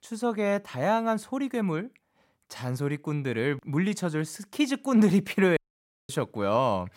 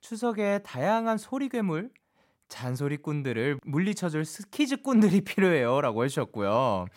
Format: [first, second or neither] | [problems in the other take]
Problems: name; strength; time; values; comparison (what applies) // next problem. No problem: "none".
second | audio cutting out; at 5.5 s for 0.5 s